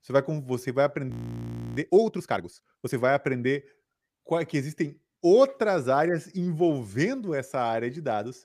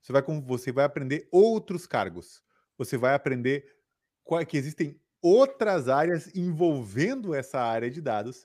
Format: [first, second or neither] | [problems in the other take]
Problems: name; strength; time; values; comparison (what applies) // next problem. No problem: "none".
second | audio freezing; at 1 s for 0.5 s